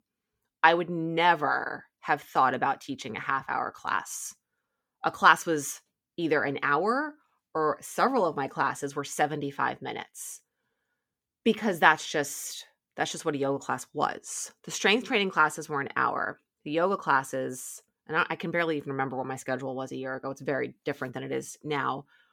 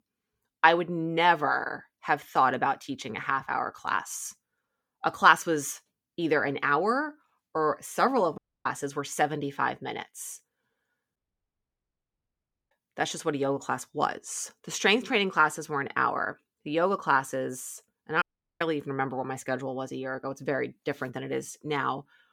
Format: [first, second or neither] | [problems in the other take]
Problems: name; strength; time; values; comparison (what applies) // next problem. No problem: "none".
first | audio cutting out; at 8.5 s, at 11 s for 1.5 s and at 18 s